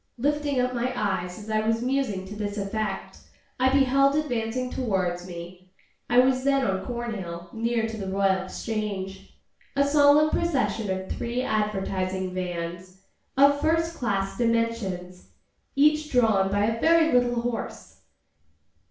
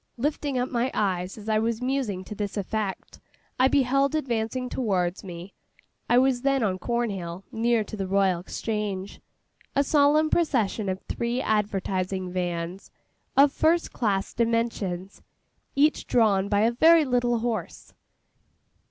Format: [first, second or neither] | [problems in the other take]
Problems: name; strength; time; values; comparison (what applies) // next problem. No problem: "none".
second | room echo; dies away in 0.5 s